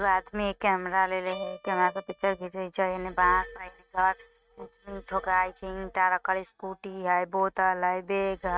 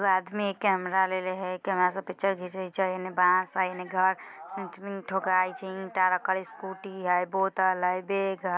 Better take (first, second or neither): second